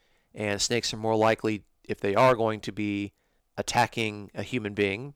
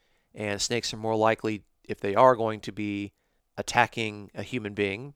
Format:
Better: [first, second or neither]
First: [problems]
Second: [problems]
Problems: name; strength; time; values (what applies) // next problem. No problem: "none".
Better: second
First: distortion; slight; 1.2% of the sound clipped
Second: none